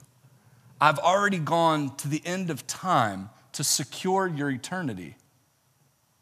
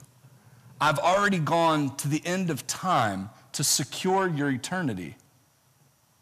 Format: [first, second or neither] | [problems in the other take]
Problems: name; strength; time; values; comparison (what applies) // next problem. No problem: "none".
first | distortion; slight; 10 dB below the speech